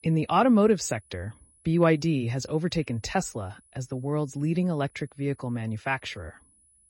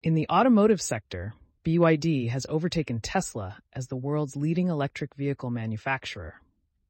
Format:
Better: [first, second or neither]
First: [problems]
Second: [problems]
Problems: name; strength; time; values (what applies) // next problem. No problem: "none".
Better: second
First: high-pitched whine; faint; throughout; 10 kHz, 30 dB below the speech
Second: none